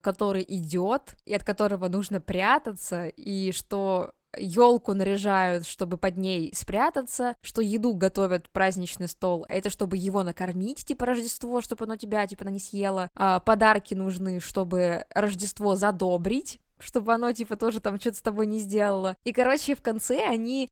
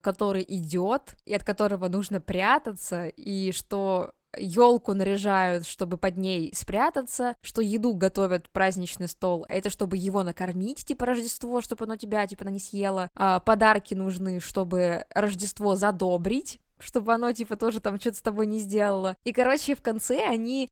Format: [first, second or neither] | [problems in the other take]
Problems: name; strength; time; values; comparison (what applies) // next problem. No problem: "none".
neither | garbled, watery; slightly; nothing above 17.5 kHz; the same in both